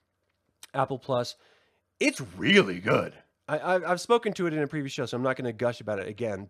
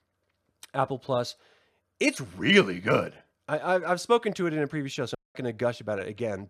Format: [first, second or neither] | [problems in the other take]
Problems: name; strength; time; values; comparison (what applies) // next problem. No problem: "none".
first | audio cutting out; at 5 s